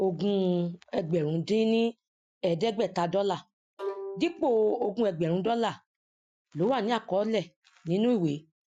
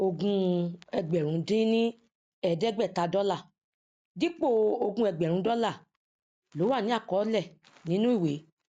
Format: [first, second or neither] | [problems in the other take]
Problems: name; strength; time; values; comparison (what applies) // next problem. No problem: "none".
second | noise reduction (classical method Wiener filter)